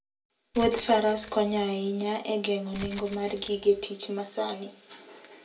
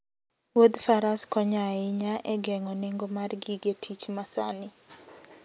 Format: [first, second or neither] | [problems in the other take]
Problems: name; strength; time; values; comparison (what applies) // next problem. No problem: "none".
second | background sound (Rattle (instrument)); 15 dB below the speech // room echo; dies away in 0.2 s